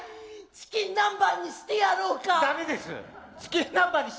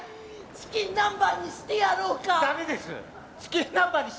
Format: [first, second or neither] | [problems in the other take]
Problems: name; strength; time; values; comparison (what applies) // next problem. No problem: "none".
first | background sound (Ocean); 20 dB below the speech